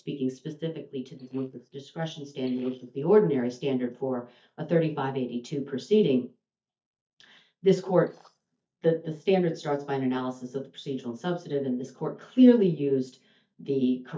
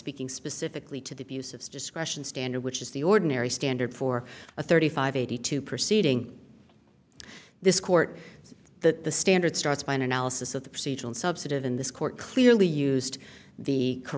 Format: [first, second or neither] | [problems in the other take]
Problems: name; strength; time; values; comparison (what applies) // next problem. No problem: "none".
second | noise reduction (neural mask model DeepFilterNet 3)